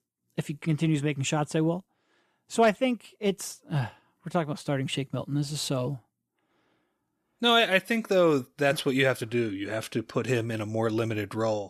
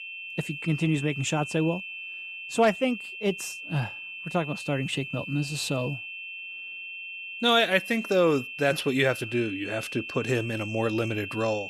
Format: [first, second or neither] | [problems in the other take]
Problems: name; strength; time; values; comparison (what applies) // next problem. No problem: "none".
first | high-pitched whine; loud; throughout; 2.5 kHz, 8 dB below the speech